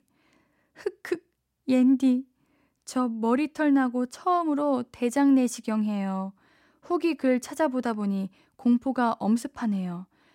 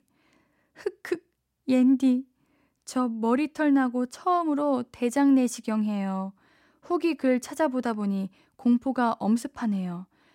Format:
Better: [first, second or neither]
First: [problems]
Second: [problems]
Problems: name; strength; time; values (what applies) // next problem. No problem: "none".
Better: neither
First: none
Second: none